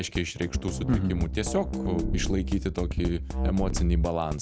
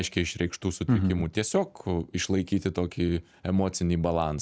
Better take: second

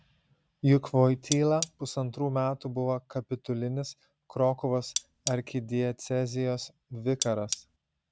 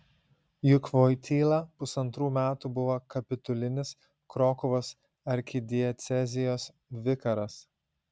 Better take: second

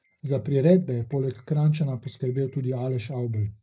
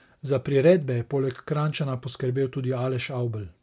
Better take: second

